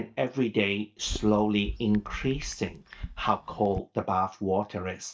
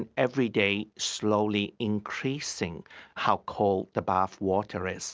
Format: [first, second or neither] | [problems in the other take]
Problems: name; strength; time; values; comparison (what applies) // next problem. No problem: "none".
second | noise reduction (neural mask model DeepFilterNet 3)